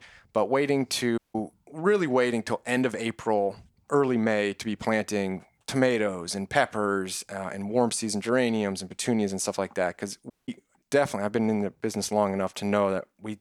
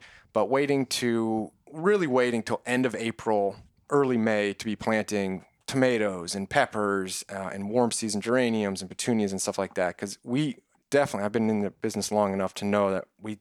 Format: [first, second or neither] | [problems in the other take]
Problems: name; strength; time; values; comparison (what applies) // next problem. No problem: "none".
second | audio cutting out; at 1 s and at 10 s